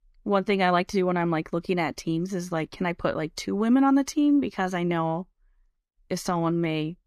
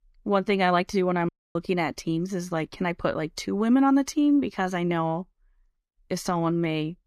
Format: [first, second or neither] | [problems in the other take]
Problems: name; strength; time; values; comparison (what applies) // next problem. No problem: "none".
first | audio cutting out; at 1.5 s